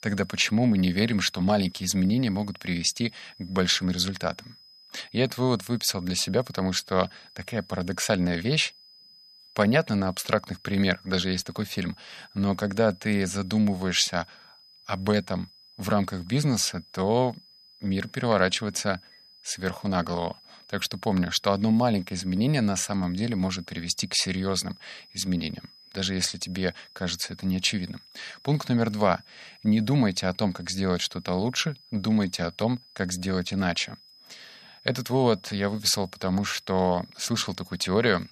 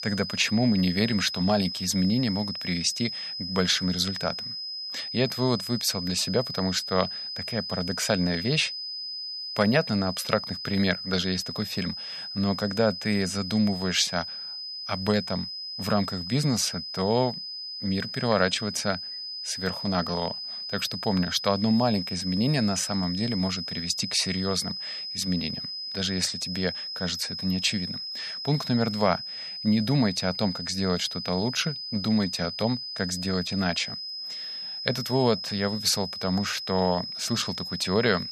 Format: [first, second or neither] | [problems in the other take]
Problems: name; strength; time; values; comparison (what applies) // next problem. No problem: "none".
first | high-pitched whine; loud; throughout; 5 kHz, 6 dB below the speech; faint in the first